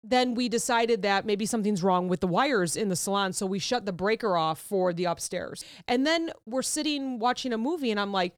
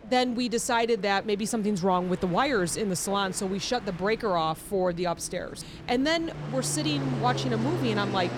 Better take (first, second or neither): first